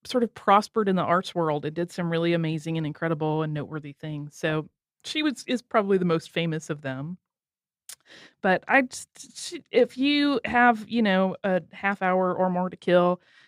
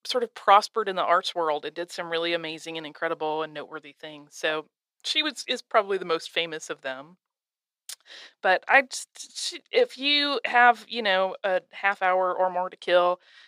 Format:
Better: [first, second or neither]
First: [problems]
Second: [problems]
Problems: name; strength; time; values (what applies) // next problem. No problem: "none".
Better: first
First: none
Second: thin; very; fading below 600 Hz